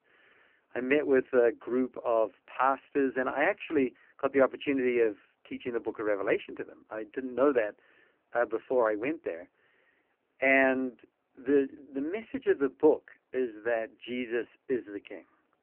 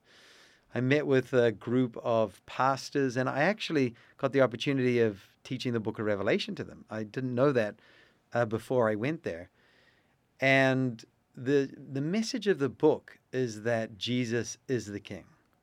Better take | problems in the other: second | phone-call audio; poor line; nothing above 3 kHz

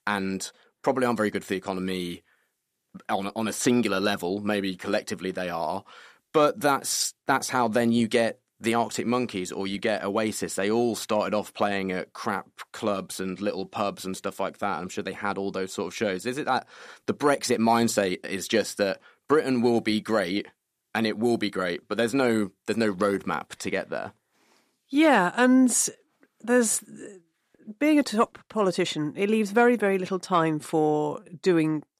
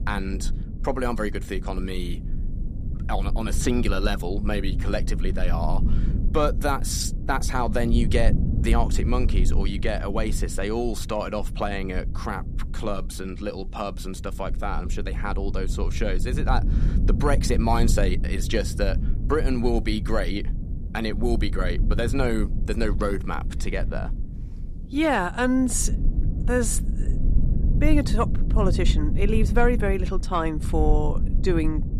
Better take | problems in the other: first | low rumble; noticeable; throughout; 15 dB below the speech

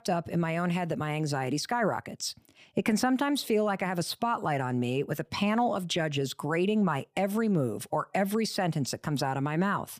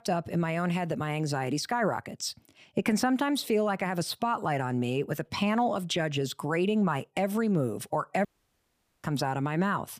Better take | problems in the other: first | audio cutting out; at 8.5 s for 1 s

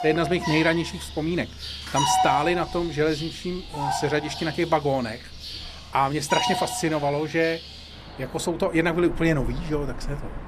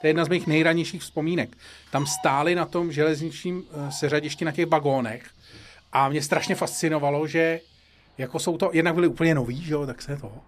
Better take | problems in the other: second | animal sounds; loud; throughout; 6 dB below the speech; faint in the second

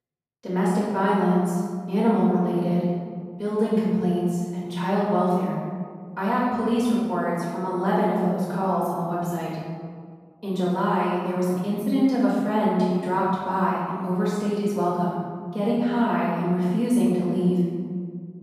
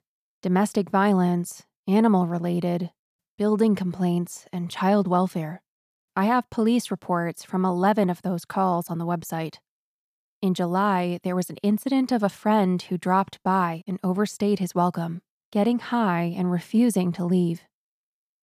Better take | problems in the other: second | off-mic speech; far // room echo; strong; dies away in 1.7 s

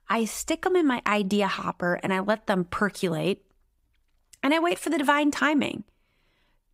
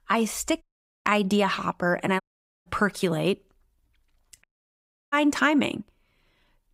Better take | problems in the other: first | audio cutting out; at 0.5 s, at 2 s and at 4.5 s for 0.5 s

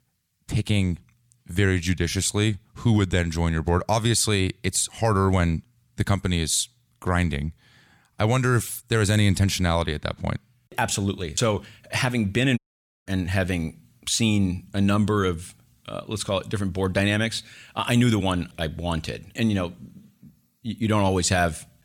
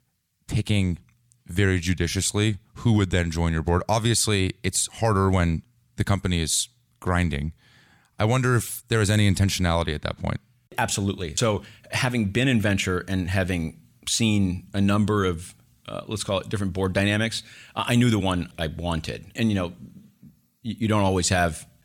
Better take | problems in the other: second | audio cutting out; at 13 s

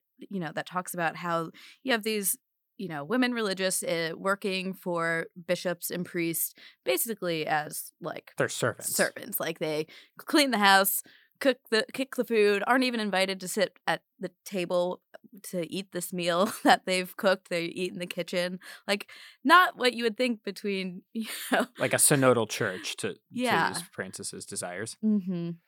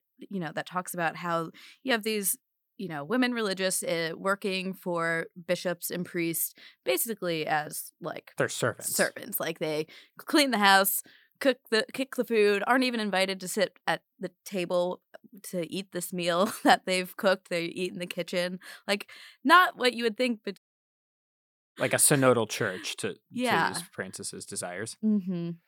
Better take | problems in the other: first | audio cutting out; at 21 s for 1 s

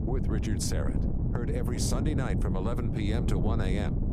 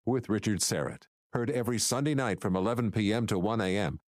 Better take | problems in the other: second | wind noise on the microphone; heavy; 3 dB below the speech

